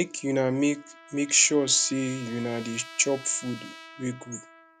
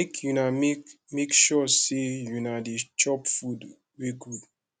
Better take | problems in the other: second | background sound (Trumpet); 19 dB below the speech

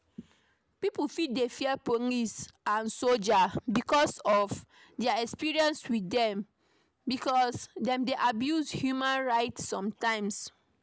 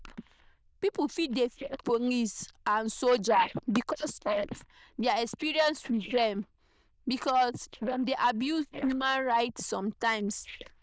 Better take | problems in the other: first | noise reduction (neural diffusion model UNIVERSE++)

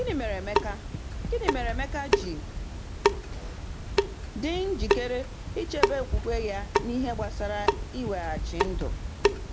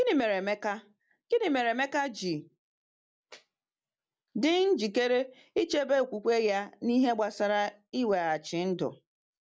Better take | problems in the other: second | background sound (Drip / Sink (filling or washing) / Water tap, faucet); 4 dB above the speech

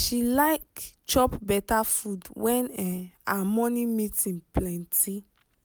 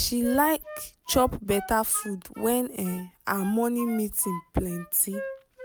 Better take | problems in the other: first | background sound (Wind instrument, woodwind instrument); 15 dB below the speech

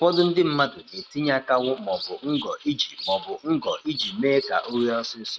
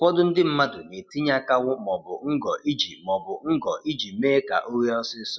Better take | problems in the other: second | noise reduction (neural mask model RNNoise)

